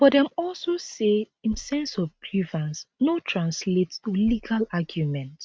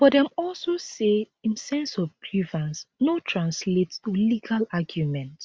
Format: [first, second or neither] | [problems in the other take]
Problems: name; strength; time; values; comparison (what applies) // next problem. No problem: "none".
second | noise reduction (neural mask model RNNoise)